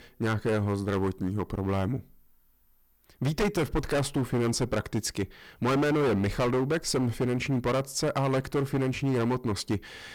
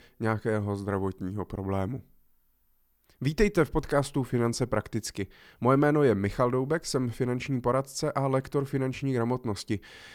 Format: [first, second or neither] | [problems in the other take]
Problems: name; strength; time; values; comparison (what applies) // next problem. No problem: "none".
second | distortion; heavy; 15% of the sound clipped